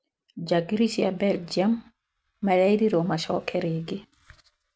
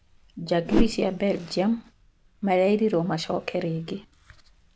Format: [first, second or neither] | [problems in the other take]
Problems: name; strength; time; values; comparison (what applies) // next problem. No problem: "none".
first | background sound (Whoosh, swoosh, swish); 6 dB below the speech